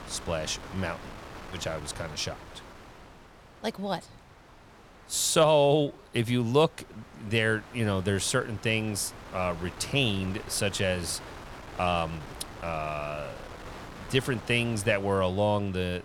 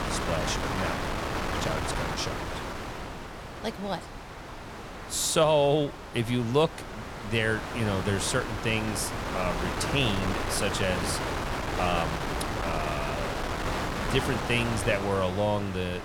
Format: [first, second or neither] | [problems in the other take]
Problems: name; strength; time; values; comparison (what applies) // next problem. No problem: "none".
first | wind noise on the microphone; heavy; 3 dB below the speech; occasional gusts in the first